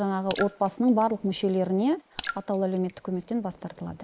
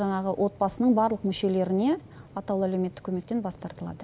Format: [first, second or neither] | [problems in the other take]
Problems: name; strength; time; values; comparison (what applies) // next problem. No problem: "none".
second | noise reduction (neural mask model Resemble Enhance denoiser)